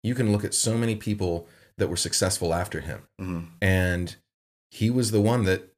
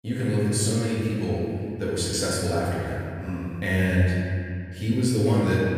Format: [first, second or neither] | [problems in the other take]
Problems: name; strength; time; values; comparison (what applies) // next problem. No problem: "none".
first | room echo; strong; dies away in 2.6 s // off-mic speech; far